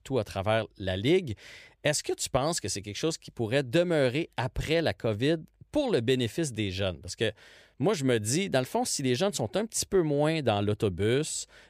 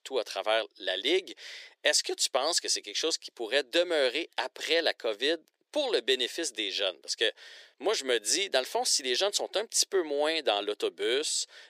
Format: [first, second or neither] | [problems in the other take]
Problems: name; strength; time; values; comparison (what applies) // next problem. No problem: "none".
first | thin; very; fading below 350 Hz